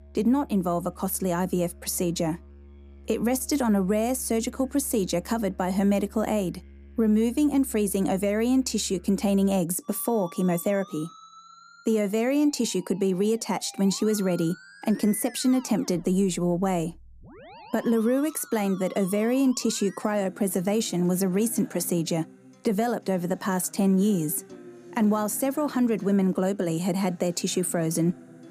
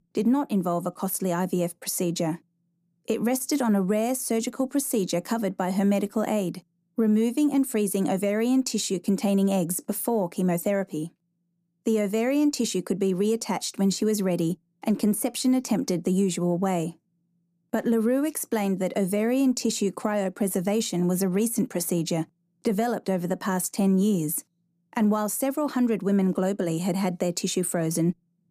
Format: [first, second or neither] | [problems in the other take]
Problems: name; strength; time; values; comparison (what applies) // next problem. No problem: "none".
second | background music; faint; throughout; 25 dB below the speech